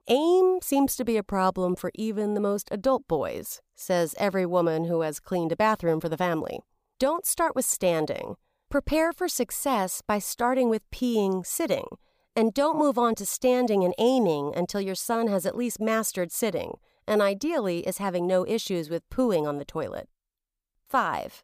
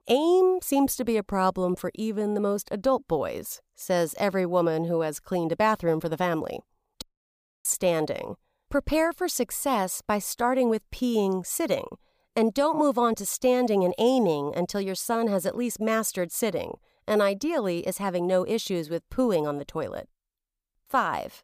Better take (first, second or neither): first